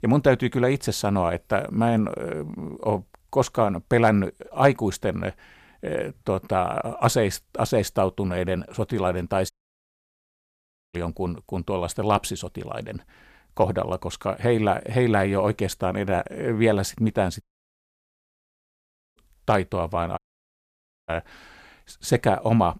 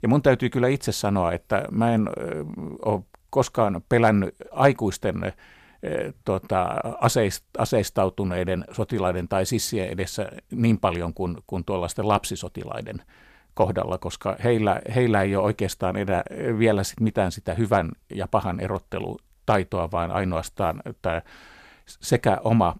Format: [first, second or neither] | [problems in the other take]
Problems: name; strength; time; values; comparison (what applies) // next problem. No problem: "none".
second | audio cutting out; at 9.5 s for 1.5 s, at 17 s for 1.5 s and at 20 s for 1 s